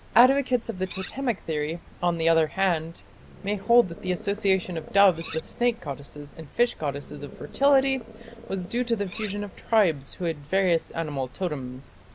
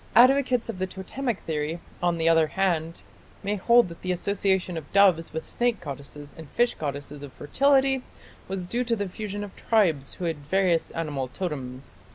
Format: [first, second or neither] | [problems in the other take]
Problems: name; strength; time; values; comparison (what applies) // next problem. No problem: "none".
second | background sound (Cutlery, silverware + Animal); 18 dB below the speech